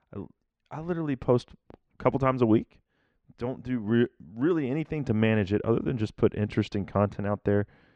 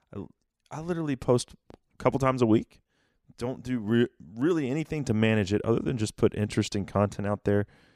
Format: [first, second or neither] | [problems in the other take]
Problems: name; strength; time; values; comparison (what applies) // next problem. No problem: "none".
second | muffled; slightly; fading above 2.5 kHz